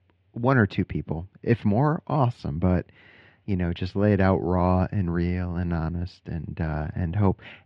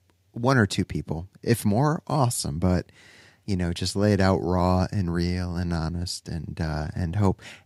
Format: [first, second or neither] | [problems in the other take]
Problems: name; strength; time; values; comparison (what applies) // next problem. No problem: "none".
second | muffled; very; fading above 3 kHz